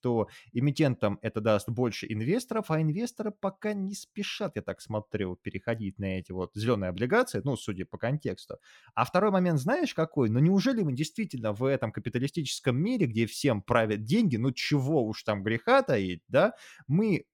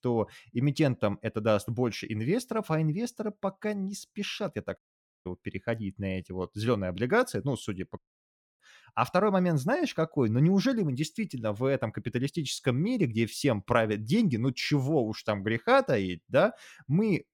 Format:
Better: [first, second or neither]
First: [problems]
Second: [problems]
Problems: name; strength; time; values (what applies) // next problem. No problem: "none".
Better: first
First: none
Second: audio cutting out; at 5 s and at 8 s for 0.5 s